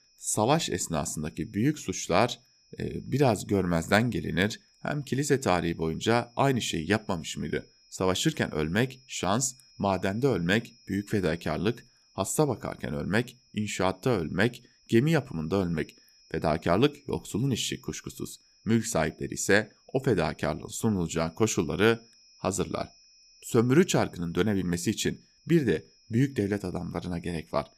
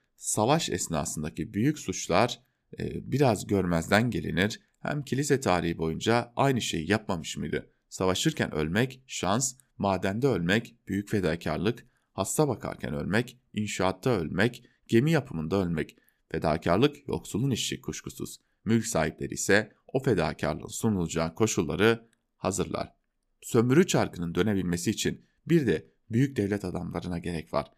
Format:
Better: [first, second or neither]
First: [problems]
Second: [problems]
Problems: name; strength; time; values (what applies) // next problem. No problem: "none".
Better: second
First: high-pitched whine; faint; throughout; 5 kHz, 30 dB below the speech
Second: none